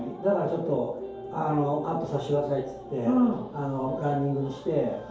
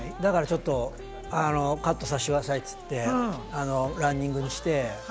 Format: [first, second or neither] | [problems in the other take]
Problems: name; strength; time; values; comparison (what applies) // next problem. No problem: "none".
second | room echo; dies away in 2.4 s